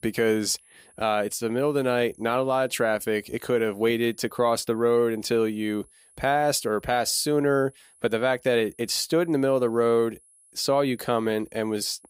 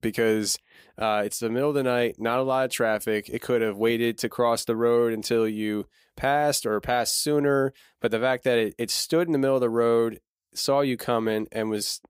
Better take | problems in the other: second | high-pitched whine; faint; throughout; 10.5 kHz, 30 dB below the speech

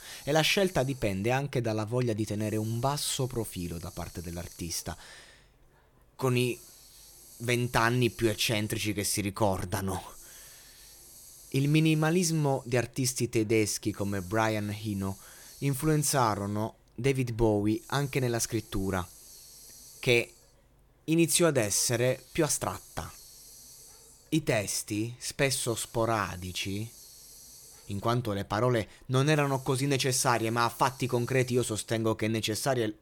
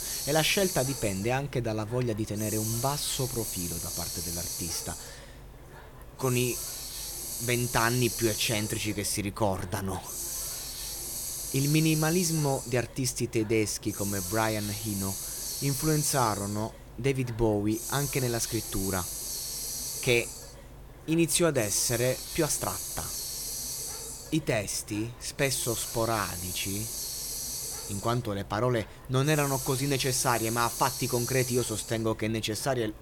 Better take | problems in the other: first | hiss; loud; throughout; 4 dB below the speech; faint in the first

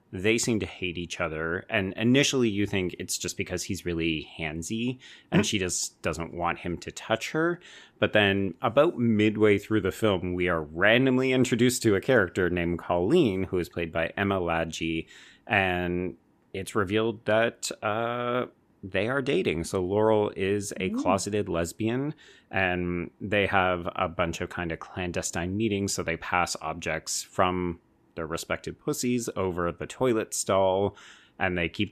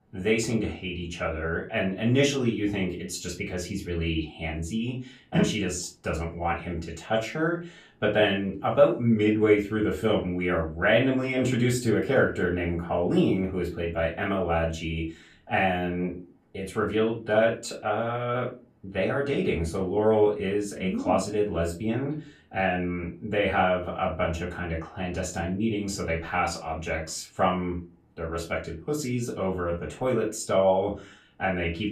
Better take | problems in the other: first | off-mic speech; far // room echo; slight; dies away in 0.3 s

